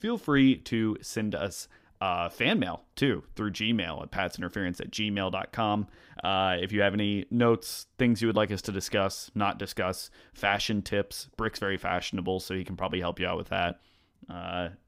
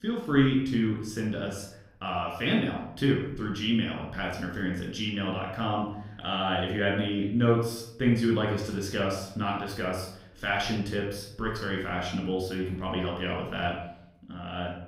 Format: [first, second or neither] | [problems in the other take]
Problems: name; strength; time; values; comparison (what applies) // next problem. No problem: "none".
first | off-mic speech; far // room echo; noticeable; dies away in 0.6 s